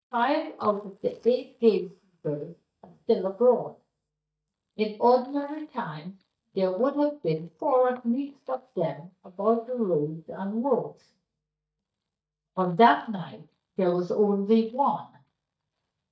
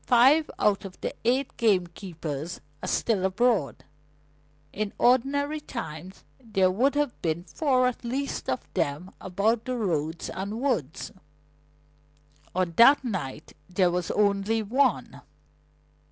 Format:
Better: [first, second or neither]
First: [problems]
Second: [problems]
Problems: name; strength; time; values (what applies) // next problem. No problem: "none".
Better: second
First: noise reduction (neural mask model DeepFilterNet 3)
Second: none